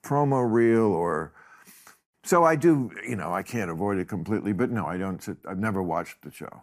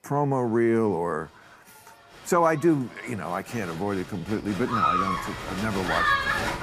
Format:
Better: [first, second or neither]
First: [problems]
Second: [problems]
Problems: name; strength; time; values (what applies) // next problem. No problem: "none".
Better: first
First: none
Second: crowd noise; very loud; throughout; 1 dB above the speech